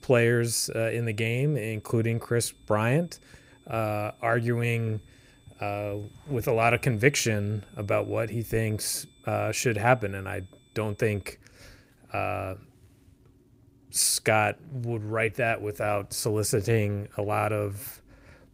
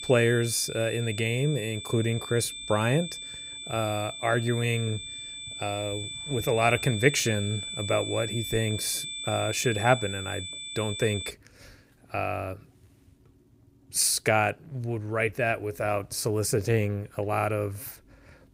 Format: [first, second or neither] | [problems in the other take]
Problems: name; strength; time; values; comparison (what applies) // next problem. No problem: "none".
first | high-pitched whine; loud; until 11 s; 3.5 kHz, 7 dB below the speech; faint in the first